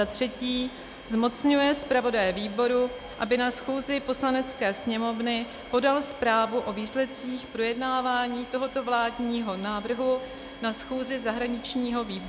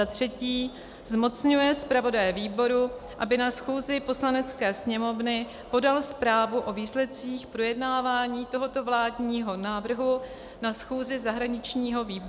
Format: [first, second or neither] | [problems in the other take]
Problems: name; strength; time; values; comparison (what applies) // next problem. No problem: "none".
second | background sound (Domestic sounds, home sounds); 18 dB below the speech